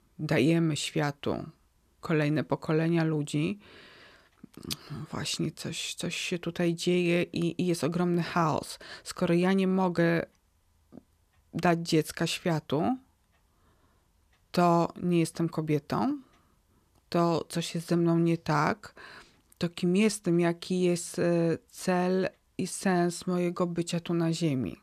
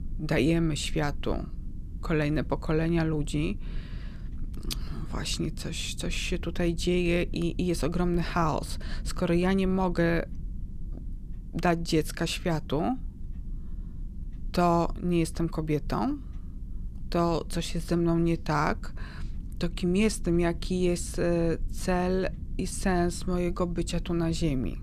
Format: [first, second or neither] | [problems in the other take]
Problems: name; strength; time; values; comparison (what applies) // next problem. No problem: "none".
first | low rumble; faint; throughout; 25 dB below the speech